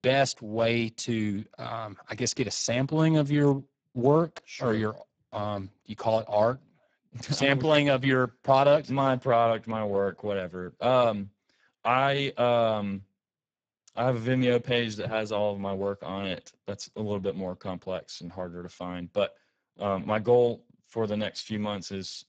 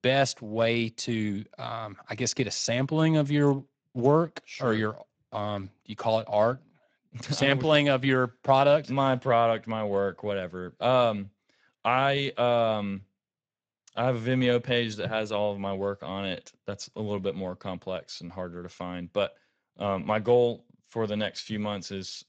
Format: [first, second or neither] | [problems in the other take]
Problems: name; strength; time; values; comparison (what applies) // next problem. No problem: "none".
second | garbled, watery; badly; nothing above 7.5 kHz; slightly in the second